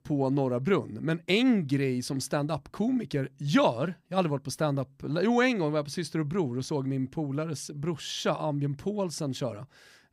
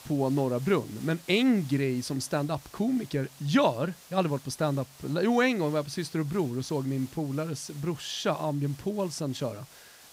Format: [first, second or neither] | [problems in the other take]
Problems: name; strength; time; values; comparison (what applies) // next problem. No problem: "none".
first | hiss; faint; throughout; 20 dB below the speech